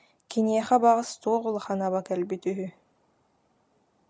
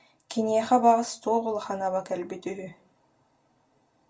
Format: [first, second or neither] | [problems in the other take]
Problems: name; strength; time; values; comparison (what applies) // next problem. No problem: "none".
first | room echo; dies away in 0.2 s